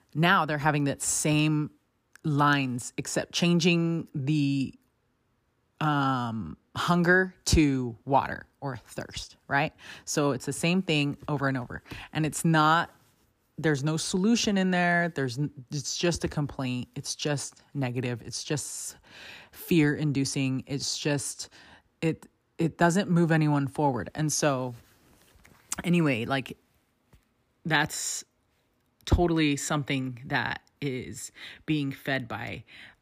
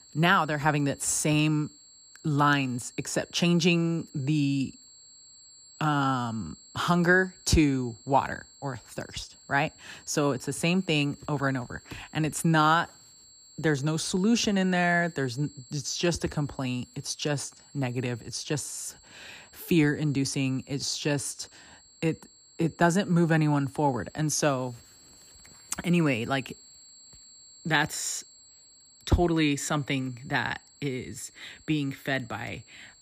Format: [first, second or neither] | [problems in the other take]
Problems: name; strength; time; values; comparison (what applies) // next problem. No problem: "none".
first | high-pitched whine; faint; throughout; 7.5 kHz, 25 dB below the speech